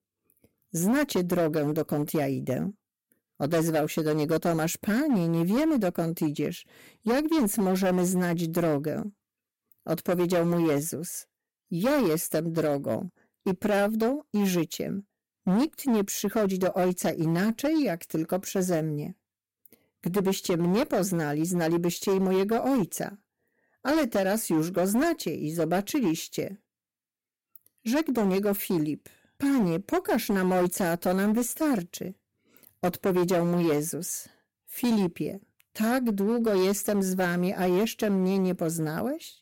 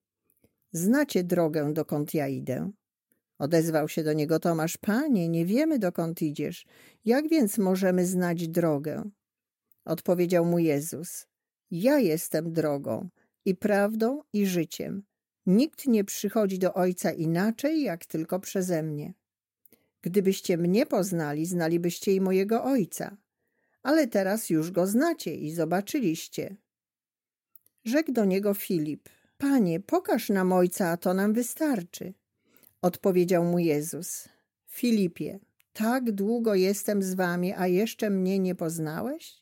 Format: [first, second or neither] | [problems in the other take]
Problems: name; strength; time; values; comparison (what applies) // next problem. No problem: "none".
second | distortion; slight; 11% of the sound clipped